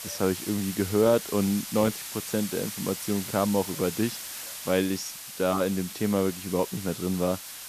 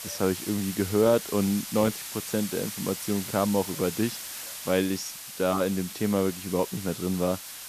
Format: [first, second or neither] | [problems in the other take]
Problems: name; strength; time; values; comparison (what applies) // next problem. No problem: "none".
neither | hiss; loud; throughout; 8 dB below the speech; the same in both